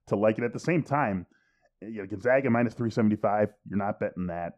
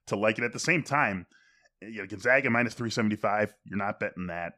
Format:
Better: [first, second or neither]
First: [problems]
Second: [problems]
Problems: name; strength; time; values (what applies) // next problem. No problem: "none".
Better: second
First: muffled; slightly; fading above 1.5 kHz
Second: none